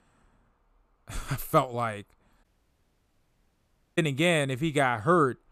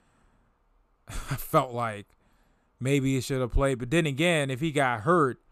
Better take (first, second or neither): second